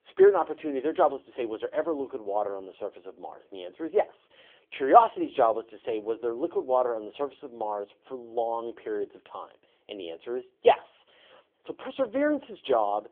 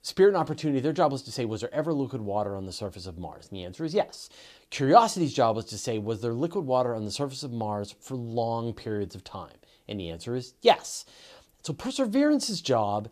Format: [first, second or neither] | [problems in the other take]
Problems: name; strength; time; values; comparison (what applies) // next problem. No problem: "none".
second | phone-call audio; poor line; nothing above 3.5 kHz